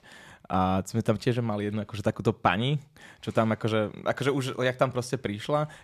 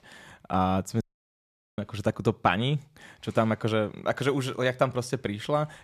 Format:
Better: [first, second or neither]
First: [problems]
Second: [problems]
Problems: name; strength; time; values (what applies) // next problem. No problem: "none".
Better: first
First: none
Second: audio cutting out; at 1 s for 1 s